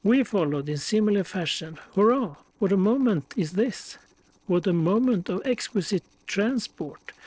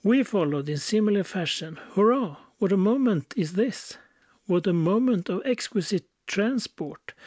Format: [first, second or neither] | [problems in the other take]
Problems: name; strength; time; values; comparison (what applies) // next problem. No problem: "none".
second | noise reduction (neural separator model SepFormer DNS4)